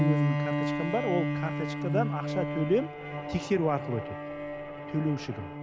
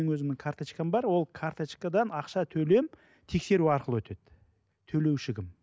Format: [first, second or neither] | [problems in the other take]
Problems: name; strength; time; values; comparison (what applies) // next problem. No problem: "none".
second | background sound (Bowed string instrument); as loud as the speech